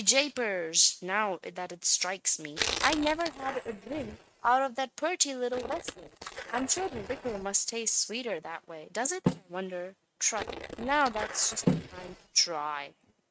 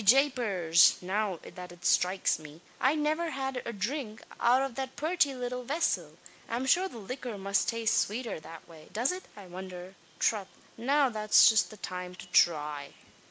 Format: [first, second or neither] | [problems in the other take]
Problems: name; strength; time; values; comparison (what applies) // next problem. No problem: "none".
second | noise reduction (neural mask model RNNoise)